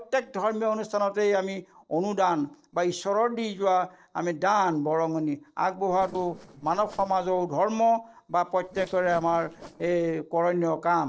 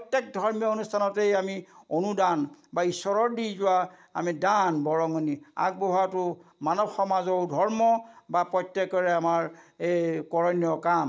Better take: second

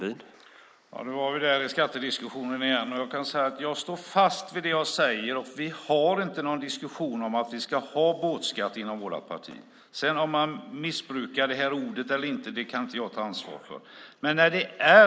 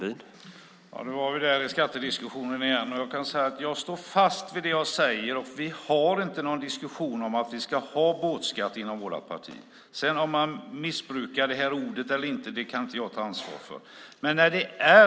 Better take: second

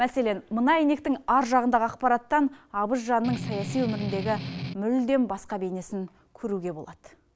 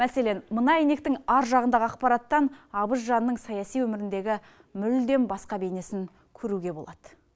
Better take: second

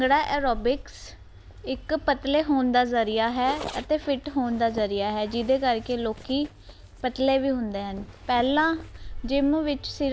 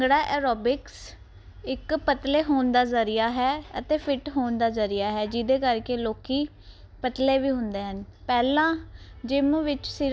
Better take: second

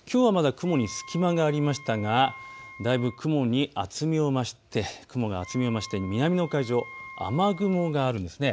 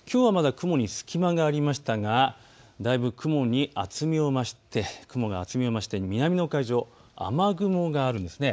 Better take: second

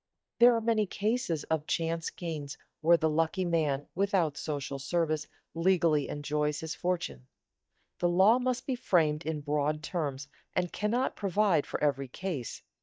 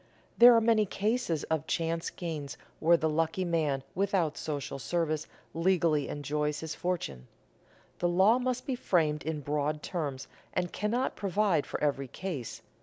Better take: second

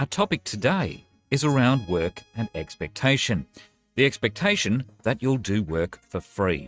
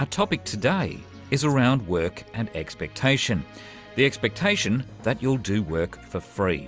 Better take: second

